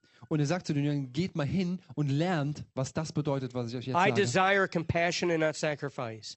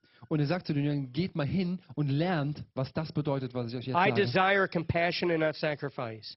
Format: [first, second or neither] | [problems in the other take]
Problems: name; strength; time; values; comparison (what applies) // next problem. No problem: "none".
first | garbled, watery; badly; nothing above 5.5 kHz; slightly in the first